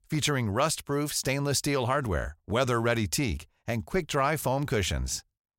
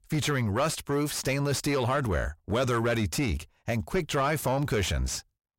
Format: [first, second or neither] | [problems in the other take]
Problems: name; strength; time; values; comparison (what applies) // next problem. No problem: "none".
first | distortion; slight; 10 dB below the speech